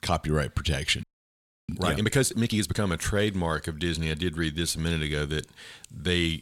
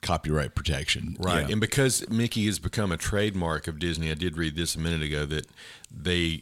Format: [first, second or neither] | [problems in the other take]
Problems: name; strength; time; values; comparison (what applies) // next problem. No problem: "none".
second | audio freezing; at 1 s for 0.5 s